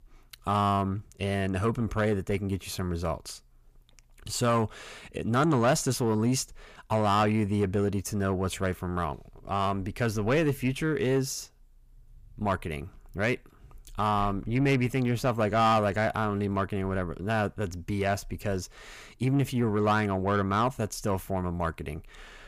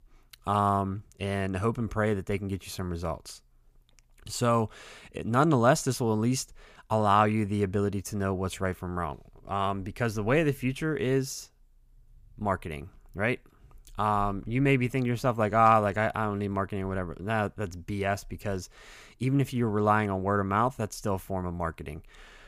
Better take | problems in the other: second | distortion; slight; 10 dB below the speech

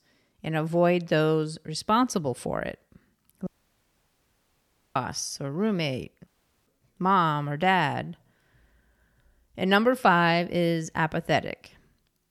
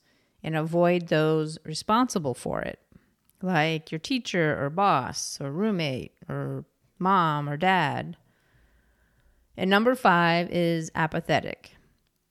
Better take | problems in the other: second | audio cutting out; at 3.5 s for 1.5 s and at 6.5 s

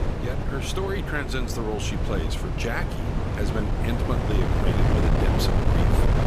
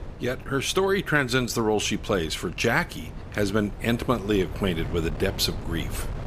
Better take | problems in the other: second | wind noise on the microphone; heavy; 1 dB above the speech; occasional gusts in the second

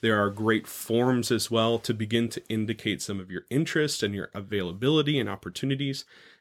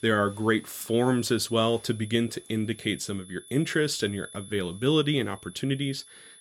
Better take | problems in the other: first | high-pitched whine; noticeable; throughout; 10.5 kHz, 20 dB below the speech

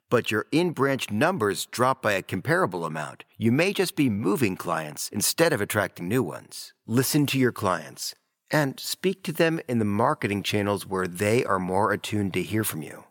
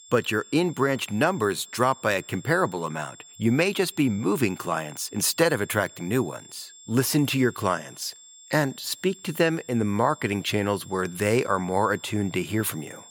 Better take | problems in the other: first | high-pitched whine; faint; throughout; 7.5 kHz, 20 dB below the speech

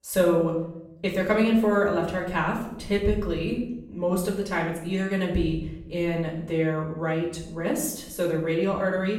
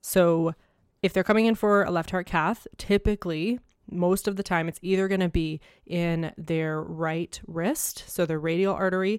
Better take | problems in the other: second | off-mic speech; far // room echo; noticeable; dies away in 0.7 s

